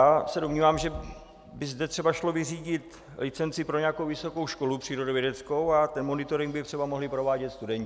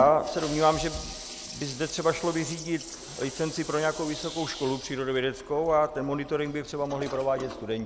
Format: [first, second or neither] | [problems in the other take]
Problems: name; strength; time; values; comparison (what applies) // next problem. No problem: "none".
first | background sound (Toilet flush); 13 dB below the speech